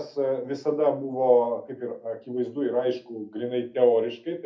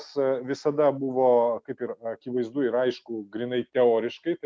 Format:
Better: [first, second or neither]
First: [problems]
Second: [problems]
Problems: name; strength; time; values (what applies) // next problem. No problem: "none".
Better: second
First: room echo; dies away in 0.3 s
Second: none